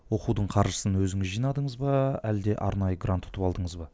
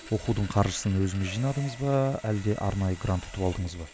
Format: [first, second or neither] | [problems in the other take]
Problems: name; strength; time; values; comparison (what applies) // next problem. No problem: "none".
first | background sound (Sawing); 18 dB below the speech